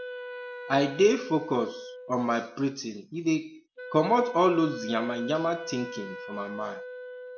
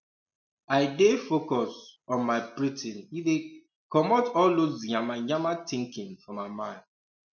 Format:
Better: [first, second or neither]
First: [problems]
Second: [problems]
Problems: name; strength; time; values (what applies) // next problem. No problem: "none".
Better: second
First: background sound (Wind instrument, woodwind instrument); 12 dB below the speech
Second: none